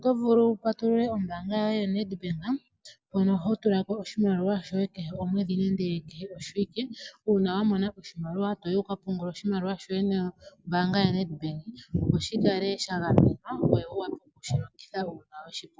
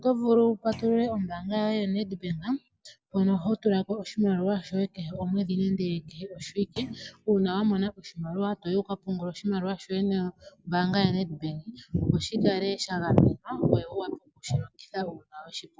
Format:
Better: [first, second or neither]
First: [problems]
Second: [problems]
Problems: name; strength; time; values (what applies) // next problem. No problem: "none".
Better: first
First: none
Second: background sound (Thump, thud); 17 dB below the speech